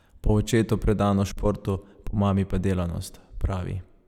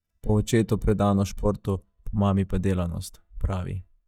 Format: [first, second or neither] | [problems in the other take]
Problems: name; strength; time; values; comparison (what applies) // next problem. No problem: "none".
first | noise reduction (neural mask model DeepFilterNet 3)